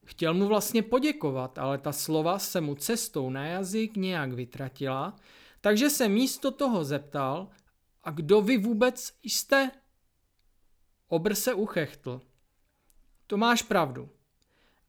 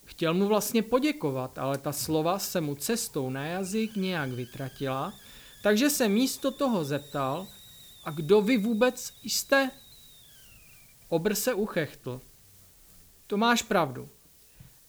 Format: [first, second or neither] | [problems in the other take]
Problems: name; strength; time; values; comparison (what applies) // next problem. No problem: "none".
first | hiss; faint; throughout; 20 dB below the speech